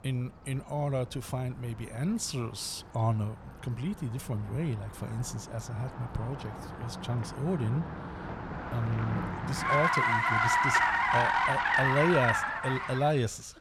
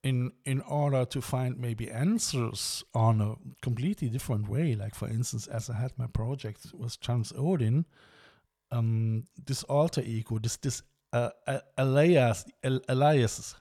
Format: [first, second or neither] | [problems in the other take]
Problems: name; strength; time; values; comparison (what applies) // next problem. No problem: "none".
second | traffic noise; very loud; throughout; 4 dB above the speech